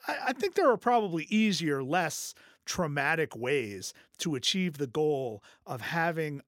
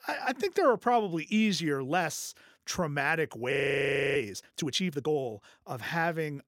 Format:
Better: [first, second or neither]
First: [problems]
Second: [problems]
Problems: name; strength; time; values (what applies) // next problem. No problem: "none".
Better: first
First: none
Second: audio freezing; at 3.5 s for 0.5 s